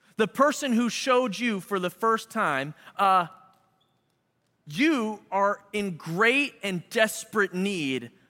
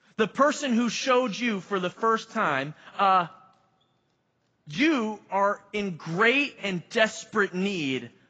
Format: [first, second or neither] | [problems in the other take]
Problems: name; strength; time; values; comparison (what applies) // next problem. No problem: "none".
first | garbled, watery; badly; nothing above 7.5 kHz